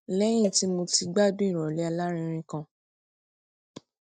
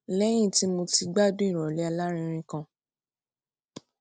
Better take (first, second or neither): second